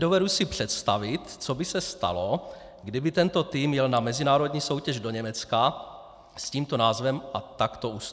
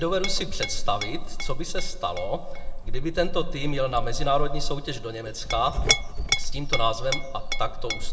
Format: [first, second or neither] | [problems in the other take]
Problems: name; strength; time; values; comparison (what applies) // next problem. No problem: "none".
first | background sound (Chink, clink); 4 dB above the speech // room echo; dies away in 0.9 s